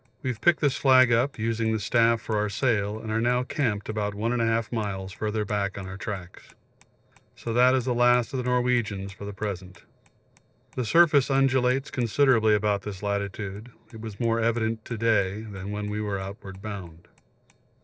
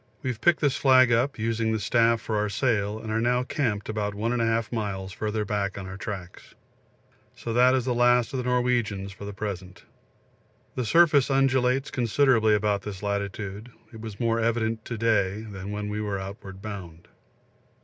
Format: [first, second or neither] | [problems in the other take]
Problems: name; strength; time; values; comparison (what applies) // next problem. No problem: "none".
second | noise reduction (neural separator model SepFormer DNS4)